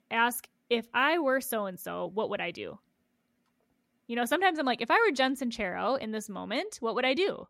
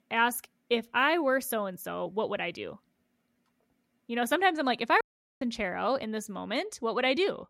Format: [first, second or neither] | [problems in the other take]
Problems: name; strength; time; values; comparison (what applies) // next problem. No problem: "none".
first | audio cutting out; at 5 s